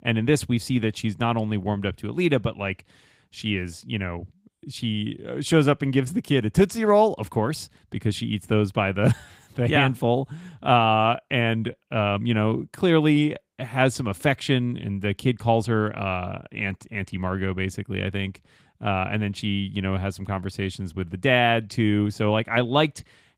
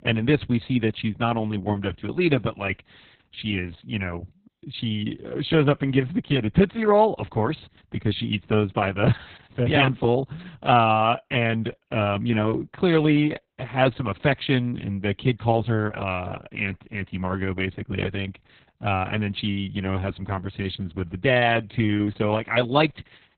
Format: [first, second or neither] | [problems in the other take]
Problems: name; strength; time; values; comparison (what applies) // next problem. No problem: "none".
first | garbled, watery; badly; nothing above 4 kHz; slightly in the first